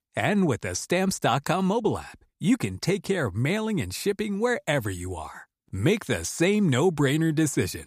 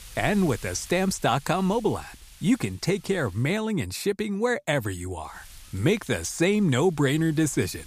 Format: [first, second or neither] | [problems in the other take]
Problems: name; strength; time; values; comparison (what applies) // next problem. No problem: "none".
first | wind noise on the microphone; occasional gusts; until 3.5 s and from 5.5 s on; 20 dB below the speech